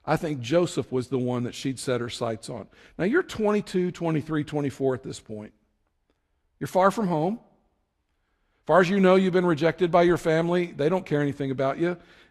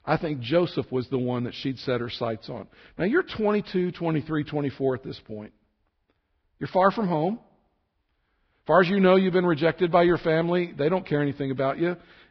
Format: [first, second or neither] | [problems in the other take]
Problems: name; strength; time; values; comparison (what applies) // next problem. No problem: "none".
first | garbled, watery; badly; nothing above 5 kHz; slightly in the first